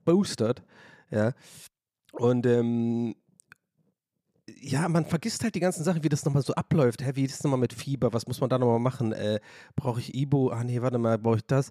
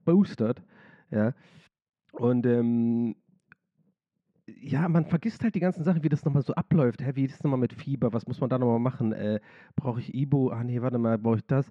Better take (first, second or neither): first